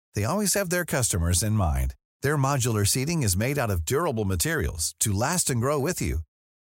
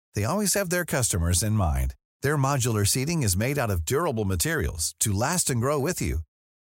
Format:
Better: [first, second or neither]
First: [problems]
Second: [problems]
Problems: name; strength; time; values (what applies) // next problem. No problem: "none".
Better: neither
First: none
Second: none